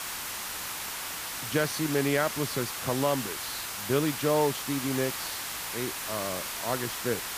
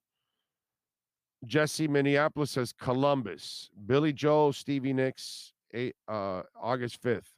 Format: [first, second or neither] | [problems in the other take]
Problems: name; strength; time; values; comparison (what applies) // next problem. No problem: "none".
second | hiss; loud; throughout; 3 dB below the speech